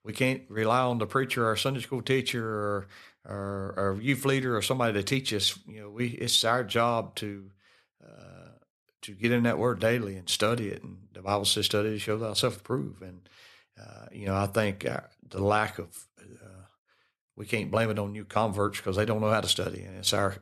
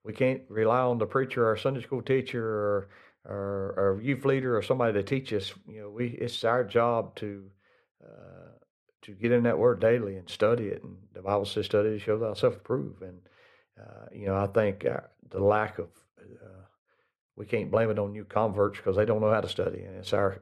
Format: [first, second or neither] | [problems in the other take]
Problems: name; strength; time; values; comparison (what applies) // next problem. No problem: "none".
first | muffled; very; fading above 3.5 kHz